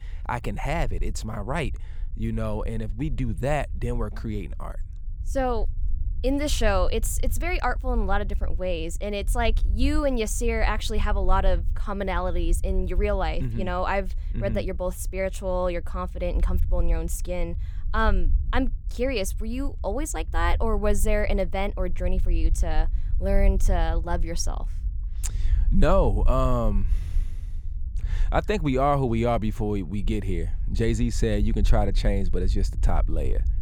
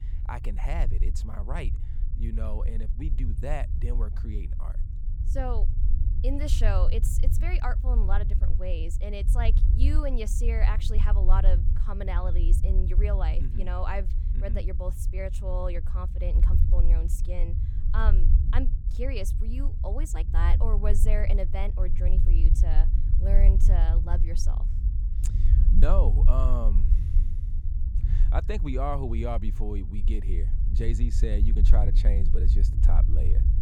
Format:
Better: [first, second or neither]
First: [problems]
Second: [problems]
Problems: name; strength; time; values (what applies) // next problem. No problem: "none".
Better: first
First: low rumble; faint; throughout; 25 dB below the speech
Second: low rumble; loud; throughout; 9 dB below the speech